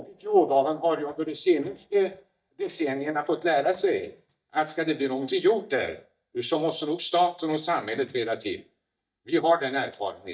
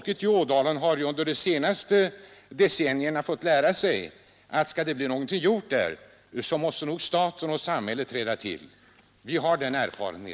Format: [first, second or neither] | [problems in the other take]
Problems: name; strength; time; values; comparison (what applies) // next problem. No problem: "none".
second | noise reduction (neural mask model DeepFilterNet 3)